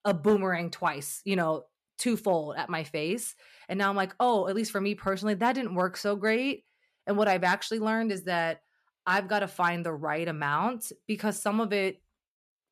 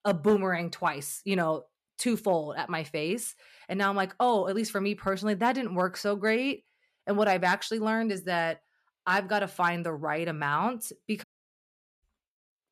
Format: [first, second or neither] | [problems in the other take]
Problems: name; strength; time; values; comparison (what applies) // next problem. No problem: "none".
first | audio cutting out; at 11 s for 1 s